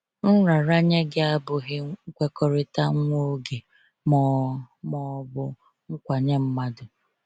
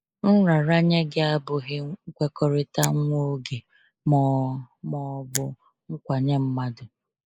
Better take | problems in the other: first | noise reduction (neural mask model Resemble Enhance denoiser)

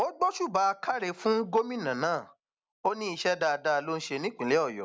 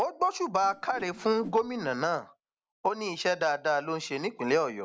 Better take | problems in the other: first | background sound (Whoosh, swoosh, swish); 18 dB below the speech

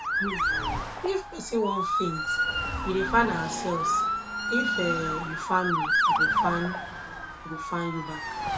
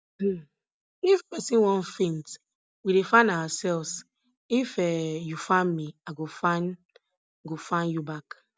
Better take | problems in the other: second | background sound (Motor vehicle (road) / Siren); 3 dB above the speech // room echo; dies away in 0.3 s

